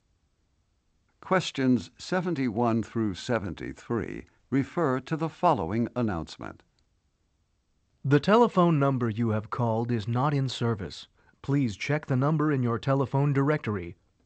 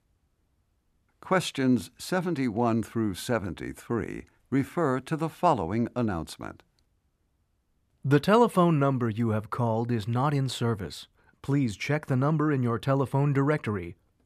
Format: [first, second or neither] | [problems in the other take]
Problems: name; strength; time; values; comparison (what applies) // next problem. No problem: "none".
second | garbled, watery; slightly; nothing above 8 kHz